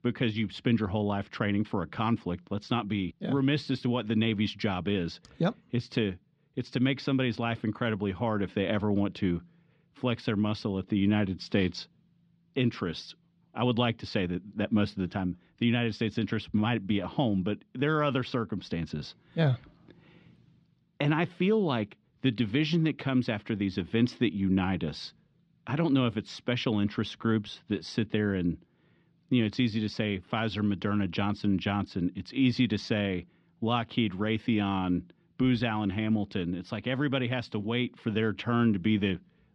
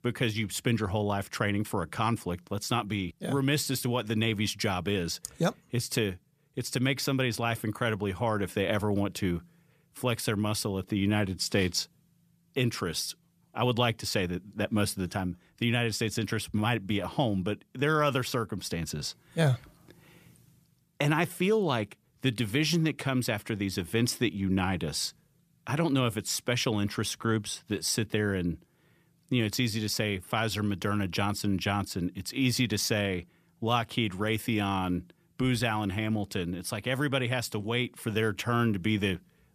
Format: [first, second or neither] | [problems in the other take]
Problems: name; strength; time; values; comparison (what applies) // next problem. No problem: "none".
second | muffled; slightly; fading above 4 kHz